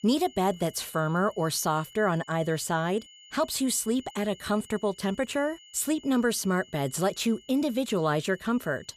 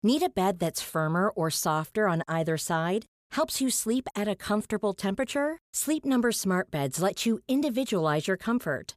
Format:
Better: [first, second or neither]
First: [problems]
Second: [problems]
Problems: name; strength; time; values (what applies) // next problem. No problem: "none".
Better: second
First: high-pitched whine; faint; throughout; 3 kHz, 25 dB below the speech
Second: none